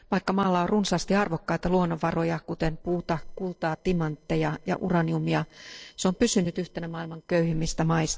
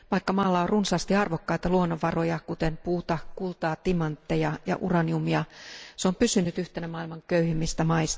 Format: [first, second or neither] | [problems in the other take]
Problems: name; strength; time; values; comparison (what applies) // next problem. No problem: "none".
second | noise reduction (neural separator model SepFormer DNS4)